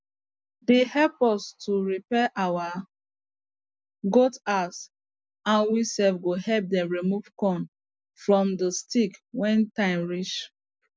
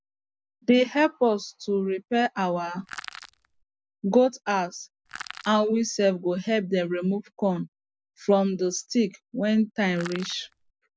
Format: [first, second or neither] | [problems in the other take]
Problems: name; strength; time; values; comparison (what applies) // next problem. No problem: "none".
first | background sound (Crushing); 16 dB below the speech